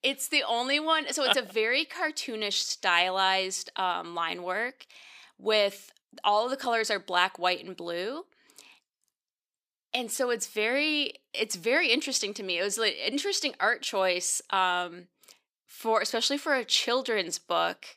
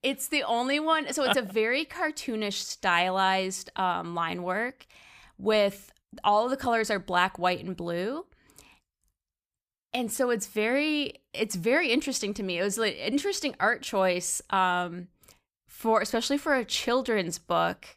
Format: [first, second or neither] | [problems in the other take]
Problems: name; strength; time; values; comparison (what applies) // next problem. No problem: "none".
second | thin; very slightly; fading below 350 Hz